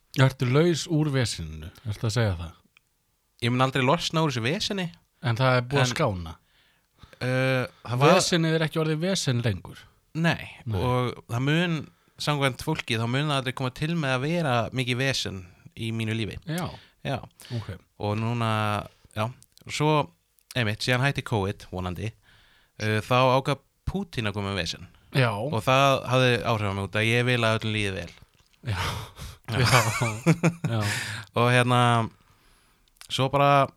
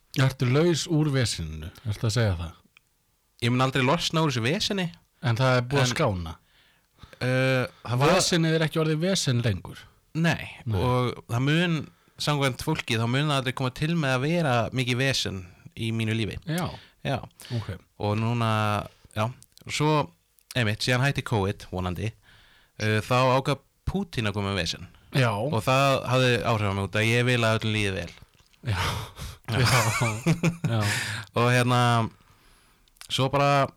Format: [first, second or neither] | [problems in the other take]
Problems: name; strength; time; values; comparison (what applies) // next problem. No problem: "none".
first | distortion; slight; 10 dB below the speech